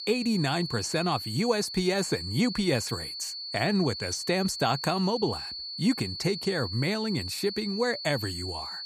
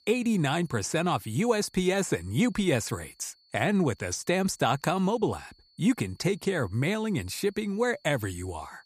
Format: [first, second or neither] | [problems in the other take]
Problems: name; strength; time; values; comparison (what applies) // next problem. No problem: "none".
second | high-pitched whine; loud; throughout; 4.5 kHz, 6 dB below the speech; faint in the second